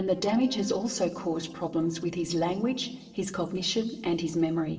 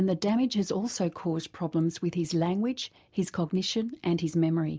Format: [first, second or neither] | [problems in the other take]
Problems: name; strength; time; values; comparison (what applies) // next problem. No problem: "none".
second | noise reduction (neural separator model SepFormer DNS4)